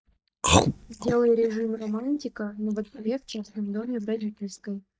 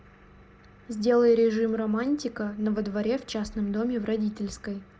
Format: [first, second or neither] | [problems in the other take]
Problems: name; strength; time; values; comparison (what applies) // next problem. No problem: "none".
second | noise reduction (neural mask model DeepFilterNet 3)